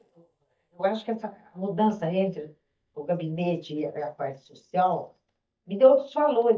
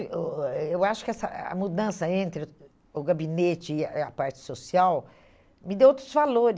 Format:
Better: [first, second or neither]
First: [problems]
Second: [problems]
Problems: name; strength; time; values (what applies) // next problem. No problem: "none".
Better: second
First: noise reduction (neural mask model DeepFilterNet 3)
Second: none